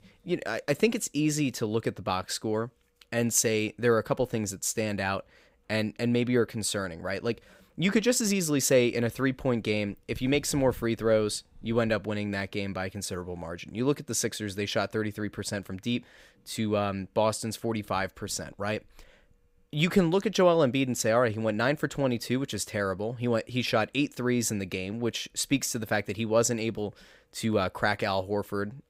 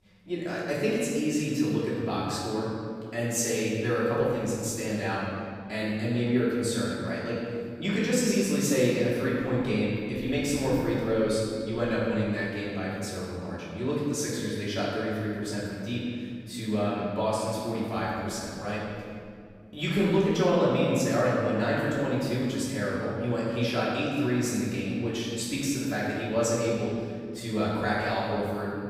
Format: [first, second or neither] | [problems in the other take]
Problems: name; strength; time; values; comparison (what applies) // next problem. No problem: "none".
first | off-mic speech; far // room echo; strong; dies away in 2.1 s